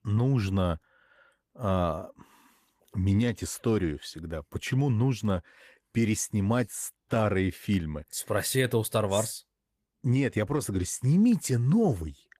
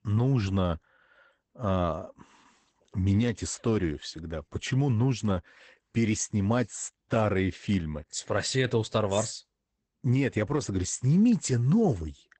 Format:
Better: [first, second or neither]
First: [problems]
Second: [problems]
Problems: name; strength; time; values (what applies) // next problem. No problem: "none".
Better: first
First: garbled, watery; slightly; nothing above 14.5 kHz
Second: garbled, watery; badly; nothing above 8 kHz